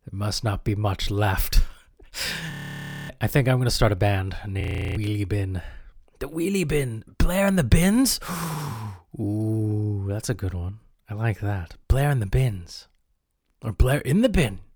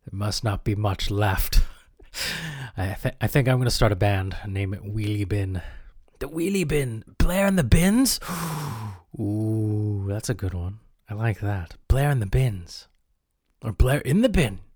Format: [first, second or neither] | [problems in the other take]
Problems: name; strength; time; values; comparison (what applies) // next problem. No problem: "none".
second | audio freezing; at 2.5 s for 0.5 s and at 4.5 s